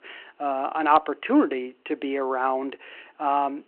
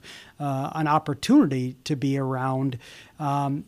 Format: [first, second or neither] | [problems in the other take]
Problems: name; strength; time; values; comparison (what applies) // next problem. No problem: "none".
second | phone-call audio